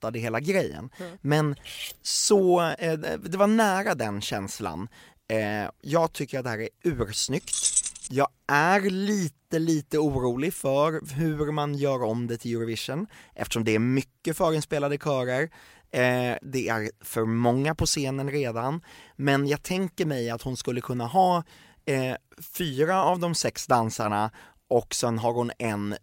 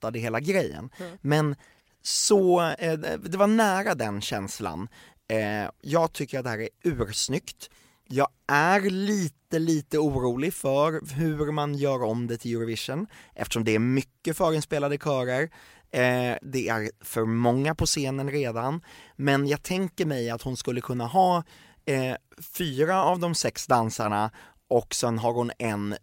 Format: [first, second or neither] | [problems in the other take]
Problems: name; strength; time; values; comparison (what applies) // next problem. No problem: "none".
second | clattering dishes; noticeable; at 1.5 s; peak 9 dB below the speech // jangling keys; loud; at 7.5 s; peak 4 dB above the speech